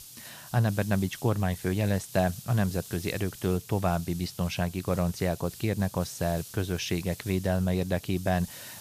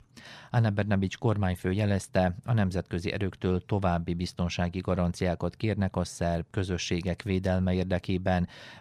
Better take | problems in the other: second | hiss; noticeable; throughout; 15 dB below the speech

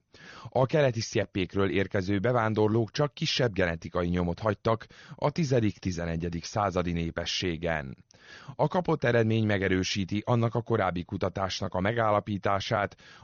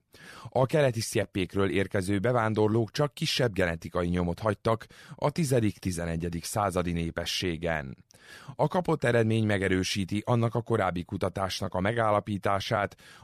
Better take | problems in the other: second | garbled, watery; slightly; nothing above 6.5 kHz

